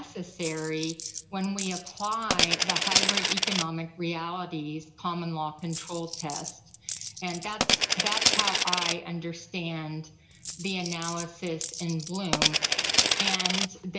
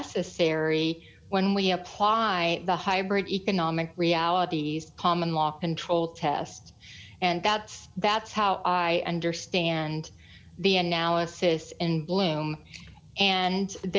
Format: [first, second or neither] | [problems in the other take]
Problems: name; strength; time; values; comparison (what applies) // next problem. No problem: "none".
second | background sound (Coin (dropping)); 5 dB above the speech // room echo; dies away in 0.9 s